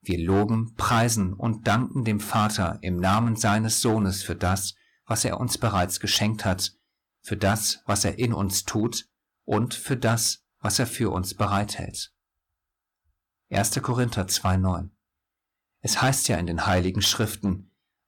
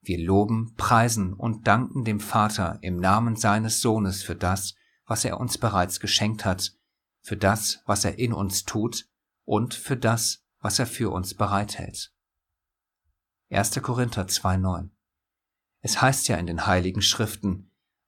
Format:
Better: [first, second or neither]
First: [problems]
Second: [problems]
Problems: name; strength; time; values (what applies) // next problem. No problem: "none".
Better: second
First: distortion; slight; 5% of the sound clipped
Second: none